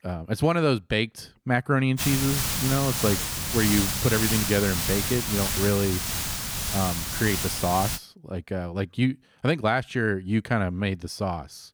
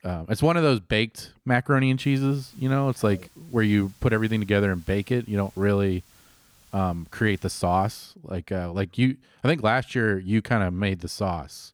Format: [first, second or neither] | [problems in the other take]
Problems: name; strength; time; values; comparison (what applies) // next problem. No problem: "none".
second | hiss; loud; from 2 to 8 s; as loud as the speech; faint in the second